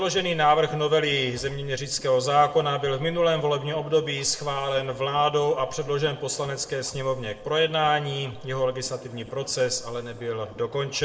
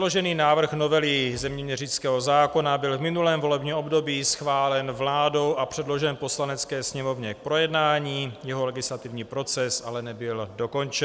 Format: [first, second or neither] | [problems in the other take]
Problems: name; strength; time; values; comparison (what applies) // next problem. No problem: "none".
second | background sound (Scratching (performance technique)); 20 dB below the speech // room echo; dies away in 0.4 s